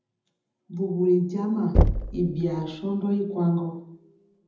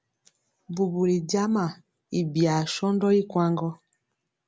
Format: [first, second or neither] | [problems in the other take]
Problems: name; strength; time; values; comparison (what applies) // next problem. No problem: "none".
second | background sound (Knock / Wood); as loud as the speech // room echo; dies away in 0.8 s